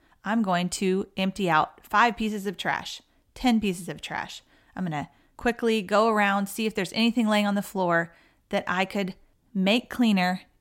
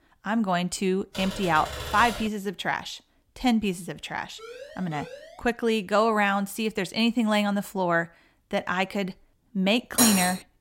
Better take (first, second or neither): first